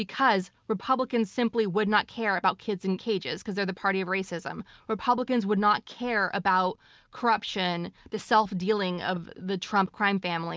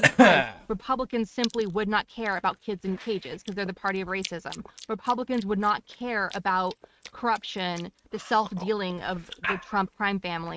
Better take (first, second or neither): first